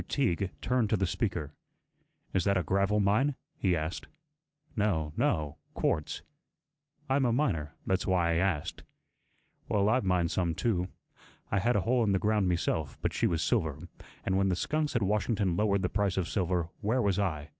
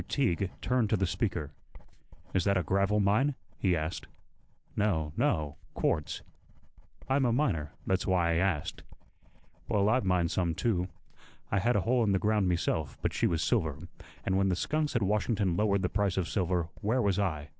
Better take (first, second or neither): first